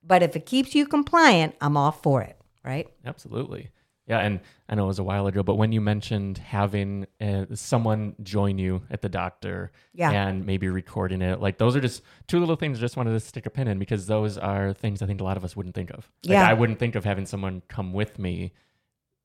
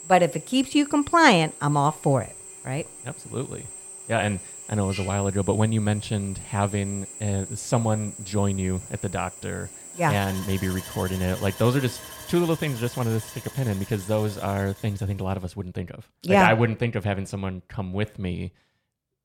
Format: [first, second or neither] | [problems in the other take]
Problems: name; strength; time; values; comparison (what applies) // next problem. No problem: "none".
first | machinery noise; noticeable; until 15 s; 15 dB below the speech